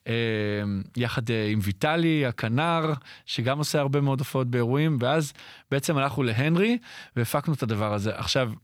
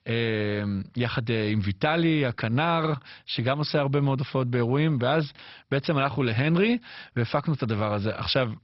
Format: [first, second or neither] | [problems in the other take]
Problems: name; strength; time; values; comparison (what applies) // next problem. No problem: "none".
first | garbled, watery; badly; nothing above 5.5 kHz